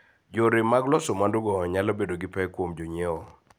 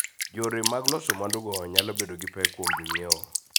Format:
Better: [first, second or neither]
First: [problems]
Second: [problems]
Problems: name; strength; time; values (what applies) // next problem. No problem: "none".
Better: first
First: none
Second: background sound (Drip); 4 dB above the speech